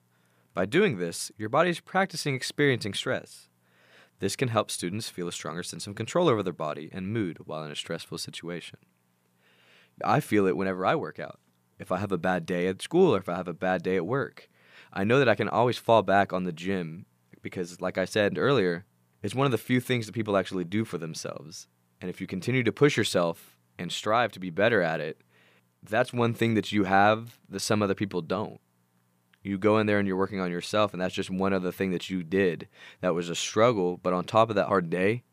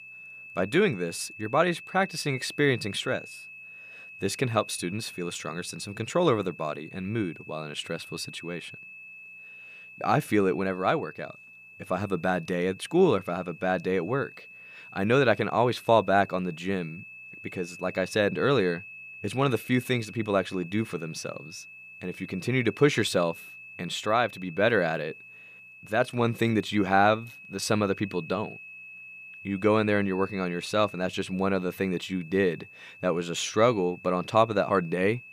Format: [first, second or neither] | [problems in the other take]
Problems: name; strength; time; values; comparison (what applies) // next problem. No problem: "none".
first | high-pitched whine; noticeable; throughout; 2.5 kHz, 15 dB below the speech